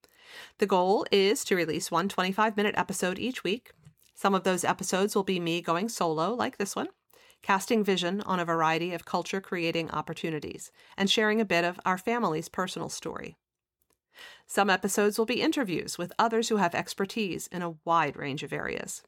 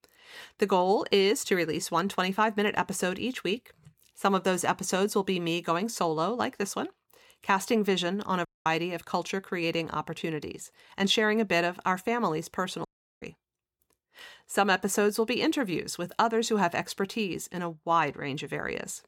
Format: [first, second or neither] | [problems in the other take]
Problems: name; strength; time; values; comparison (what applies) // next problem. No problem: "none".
first | audio cutting out; at 8.5 s and at 13 s